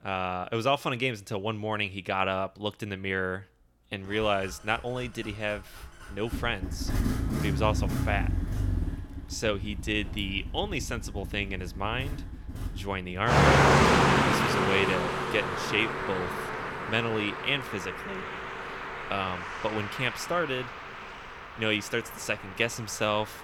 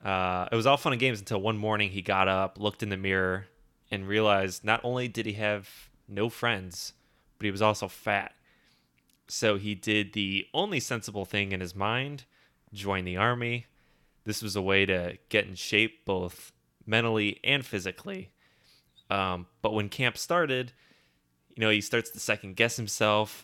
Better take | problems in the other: second | traffic noise; very loud; throughout; 2 dB above the speech

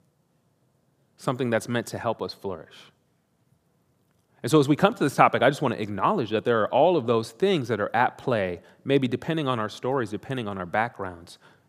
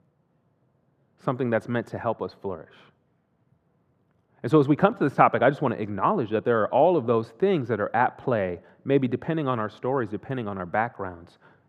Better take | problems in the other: first | muffled; slightly; fading above 3.5 kHz

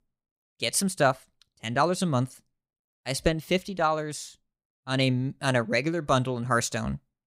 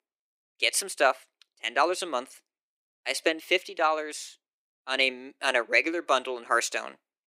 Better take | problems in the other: first | thin; very; fading below 350 Hz

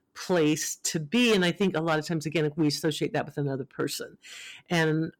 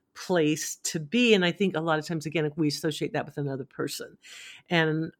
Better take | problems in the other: second | distortion; slight; 5% of the sound clipped

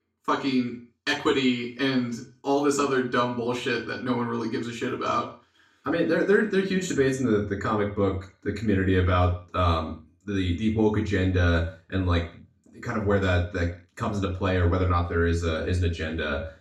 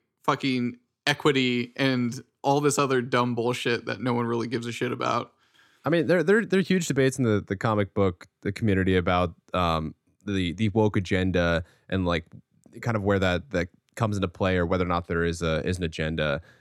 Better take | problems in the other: second | room echo; slight; dies away in 0.3 s // off-mic speech; far

